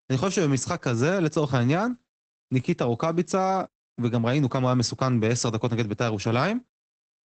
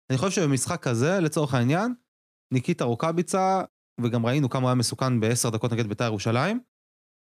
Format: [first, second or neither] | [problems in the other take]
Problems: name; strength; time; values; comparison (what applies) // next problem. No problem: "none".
second | garbled, watery; badly; nothing above 8 kHz